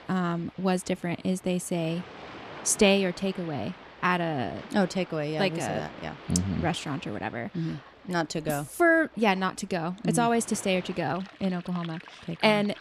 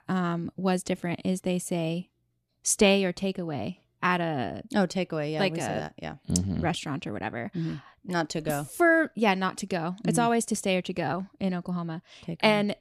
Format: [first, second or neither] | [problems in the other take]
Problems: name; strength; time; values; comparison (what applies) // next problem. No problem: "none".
second | rain or running water; noticeable; throughout; 20 dB below the speech